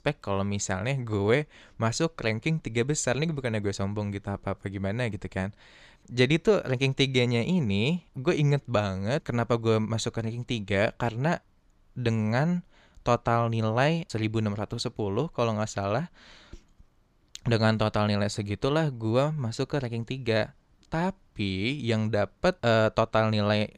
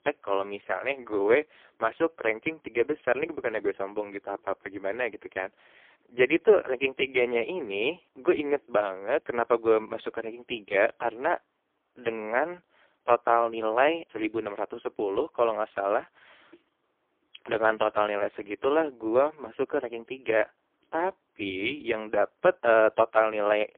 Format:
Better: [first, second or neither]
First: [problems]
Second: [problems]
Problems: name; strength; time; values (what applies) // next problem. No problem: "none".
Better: first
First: none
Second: phone-call audio; poor line